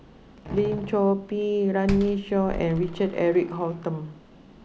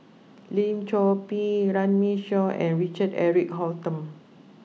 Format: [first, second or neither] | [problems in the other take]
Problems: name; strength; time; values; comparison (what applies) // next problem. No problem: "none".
second | background sound (Slam); 13 dB below the speech